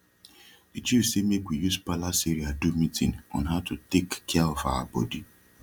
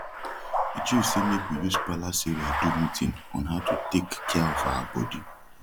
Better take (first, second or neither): first